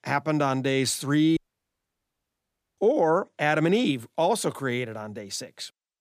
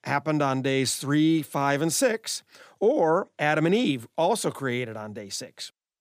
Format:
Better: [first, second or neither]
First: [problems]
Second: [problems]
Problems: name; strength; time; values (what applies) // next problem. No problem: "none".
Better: second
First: audio cutting out; at 1.5 s for 1.5 s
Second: none